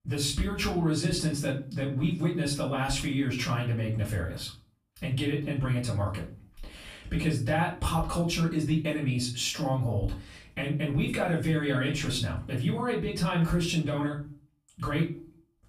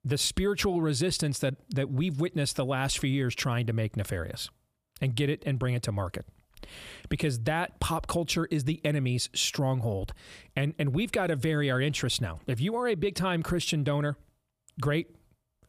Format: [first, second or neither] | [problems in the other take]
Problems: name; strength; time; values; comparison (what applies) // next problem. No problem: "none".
second | off-mic speech; far // room echo; slight; dies away in 0.4 s